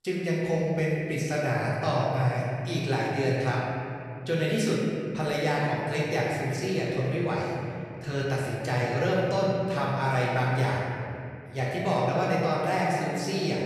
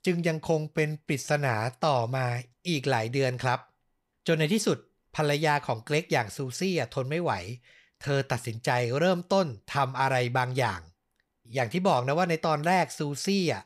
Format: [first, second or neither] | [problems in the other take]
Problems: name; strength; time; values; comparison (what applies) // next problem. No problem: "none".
second | room echo; strong; dies away in 2.8 s // off-mic speech; far